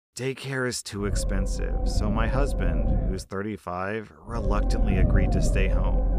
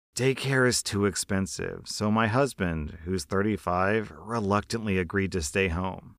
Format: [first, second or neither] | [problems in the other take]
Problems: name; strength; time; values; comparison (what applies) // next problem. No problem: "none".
second | low rumble; loud; from 1 to 3 s and from 4.5 s on; 3 dB below the speech